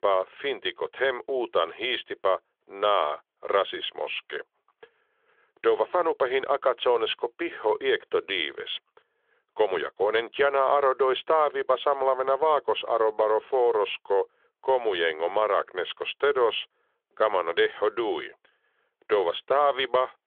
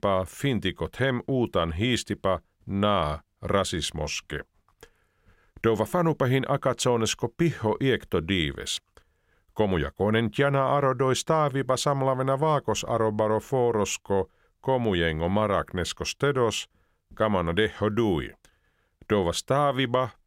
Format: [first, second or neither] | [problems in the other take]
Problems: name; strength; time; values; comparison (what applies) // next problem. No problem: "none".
second | phone-call audio; nothing above 3.5 kHz